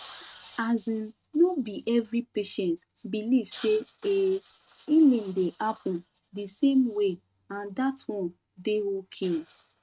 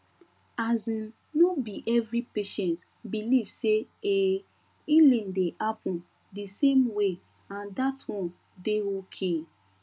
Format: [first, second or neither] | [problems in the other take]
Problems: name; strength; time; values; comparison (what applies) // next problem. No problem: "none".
second | noise reduction (neural mask model RNNoise)